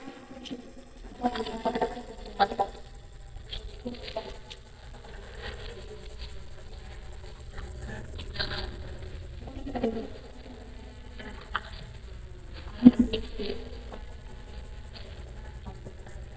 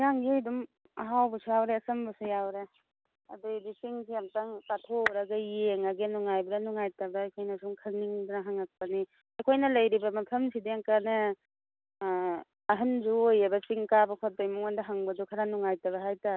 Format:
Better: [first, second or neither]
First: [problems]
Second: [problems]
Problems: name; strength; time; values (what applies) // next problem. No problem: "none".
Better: second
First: noise reduction (neural mask model DeepFilterNet 3)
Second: none